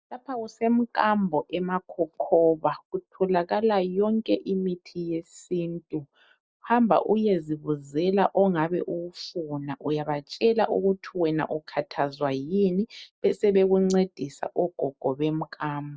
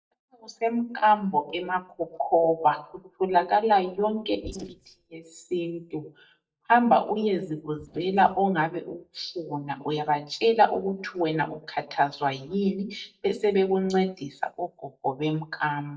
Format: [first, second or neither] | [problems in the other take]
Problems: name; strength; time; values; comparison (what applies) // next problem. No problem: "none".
first | noise reduction (neural mask model DeepFilterNet 3)